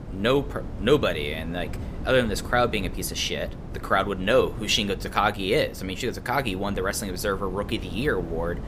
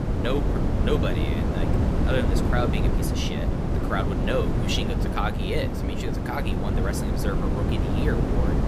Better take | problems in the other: first | wind noise on the microphone; heavy; 1 dB below the speech; occasional gusts in the first

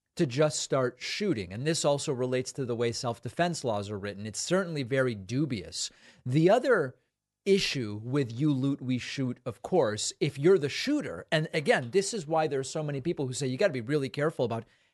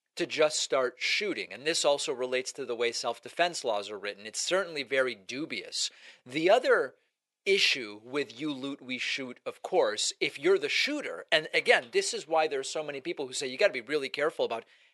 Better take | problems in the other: first | thin; somewhat; fading below 500 Hz

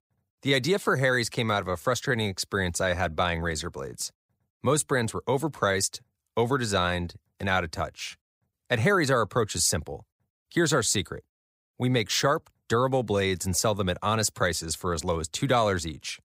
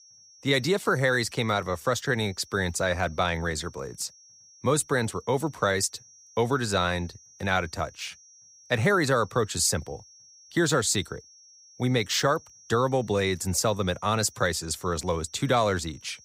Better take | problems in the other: first | high-pitched whine; faint; throughout; 5.5 kHz, 25 dB below the speech

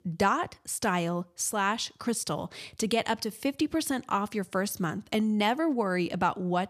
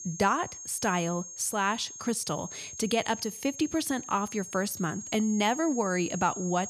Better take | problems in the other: first | high-pitched whine; loud; throughout; 6.5 kHz, 10 dB below the speech

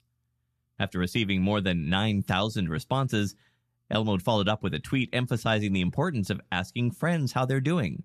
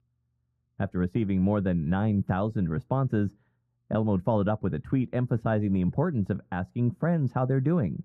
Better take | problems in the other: first | muffled; very; fading above 1.5 kHz

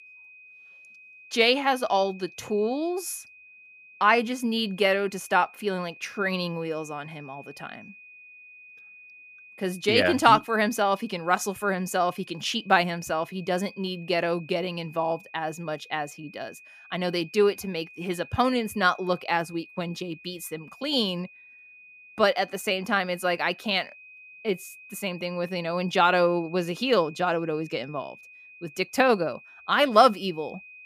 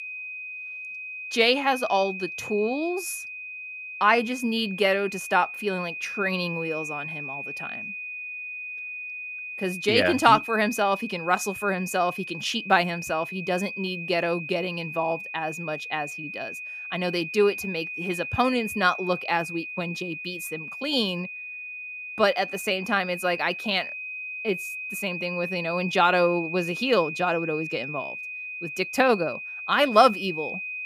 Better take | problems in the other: first | high-pitched whine; loud; throughout; 2.5 kHz, 8 dB below the speech; faint in the first

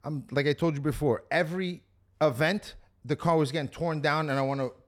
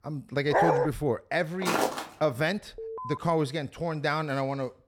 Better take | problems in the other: first | dog barking; loud; at 0.5 s; peak 6 dB above the speech // footsteps; loud; at 1.5 s; peak 2 dB above the speech // alarm; noticeable; at 3 s; peak 8 dB below the speech

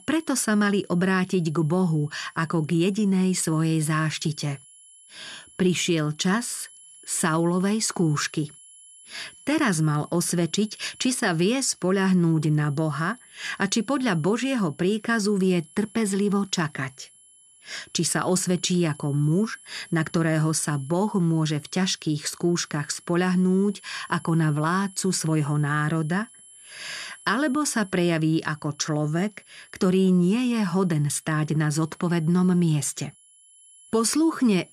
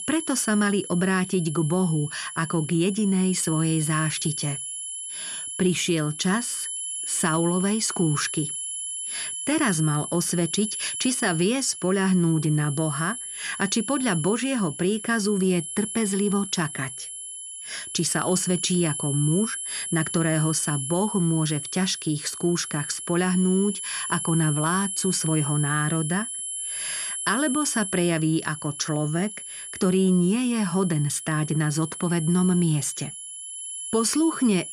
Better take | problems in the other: first | high-pitched whine; loud; throughout; 10.5 kHz, 6 dB below the speech; faint in the first

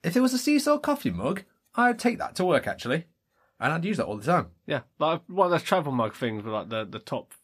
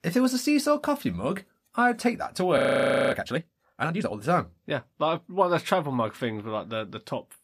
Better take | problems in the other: first | audio freezing; at 2.5 s for 0.5 s

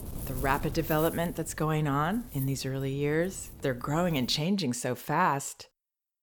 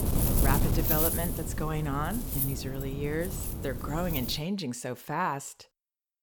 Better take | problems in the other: first | wind noise on the microphone; heavy; until 4.5 s; 4 dB below the speech; occasional gusts in the first

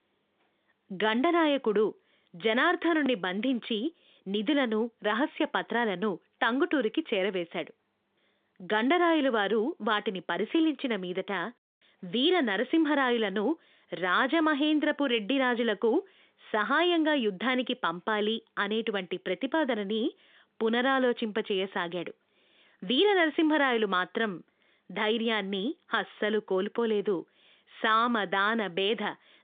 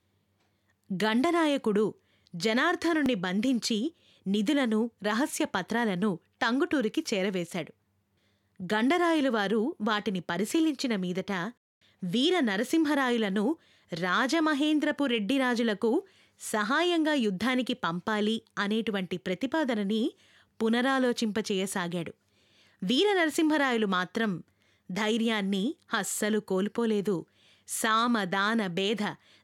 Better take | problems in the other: second | phone-call audio

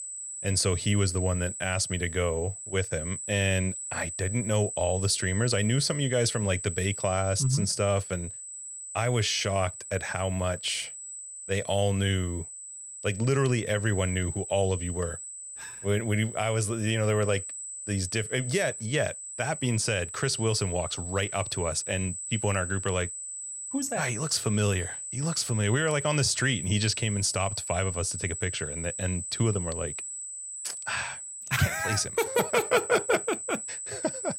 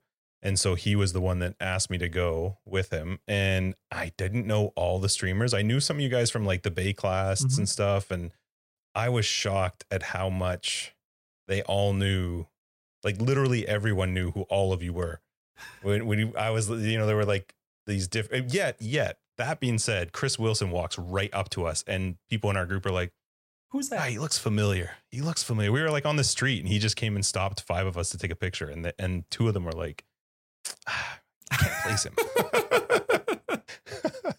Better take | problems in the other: second | high-pitched whine; loud; throughout; 8 kHz, 7 dB below the speech

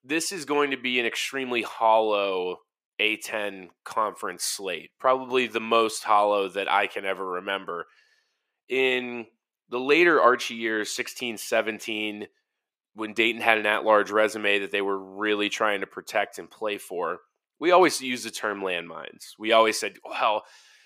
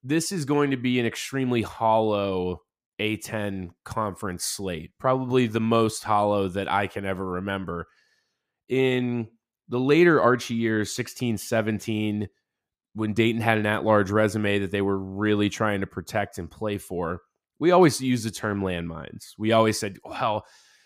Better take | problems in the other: second | thin; somewhat; fading below 450 Hz

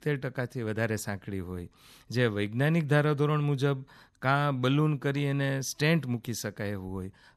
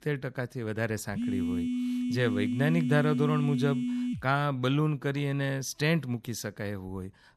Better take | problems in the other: first | phone ringing; noticeable; from 1 to 4 s; peak level with the speech

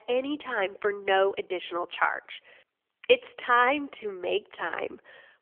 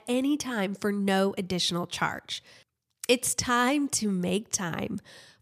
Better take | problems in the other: second | phone-call audio; nothing above 3.5 kHz

